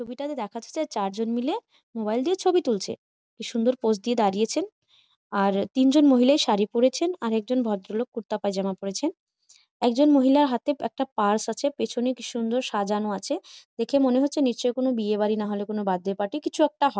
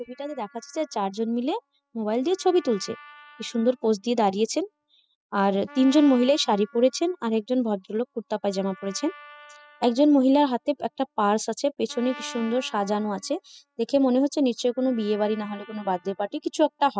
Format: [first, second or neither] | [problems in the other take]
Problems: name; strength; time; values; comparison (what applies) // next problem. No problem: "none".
first | noise reduction (classical method spectral subtraction)